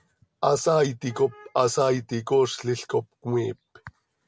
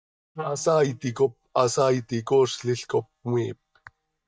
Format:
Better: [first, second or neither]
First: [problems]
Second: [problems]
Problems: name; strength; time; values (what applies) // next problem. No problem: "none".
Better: first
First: none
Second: noise reduction (neural mask model DeepFilterNet 3)